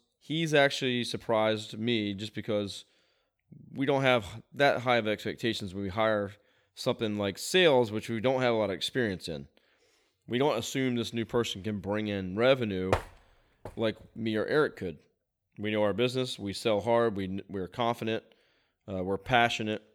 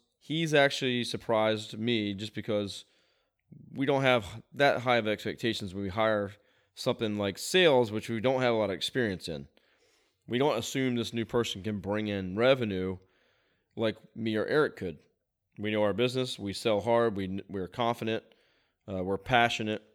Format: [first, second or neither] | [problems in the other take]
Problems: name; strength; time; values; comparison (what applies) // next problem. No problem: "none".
second | door banging; noticeable; at 13 s; peak 3 dB below the speech